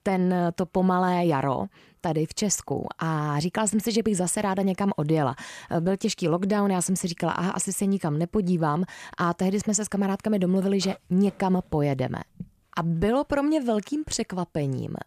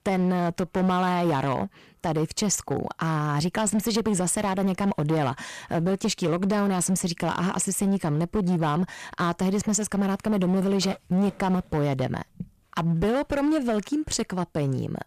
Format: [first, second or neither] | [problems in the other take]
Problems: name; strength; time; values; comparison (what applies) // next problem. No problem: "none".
first | distortion; slight; 12% of the sound clipped